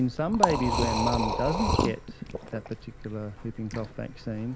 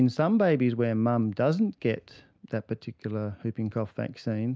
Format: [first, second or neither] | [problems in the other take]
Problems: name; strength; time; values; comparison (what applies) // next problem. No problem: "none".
second | background sound (Liquid); as loud as the speech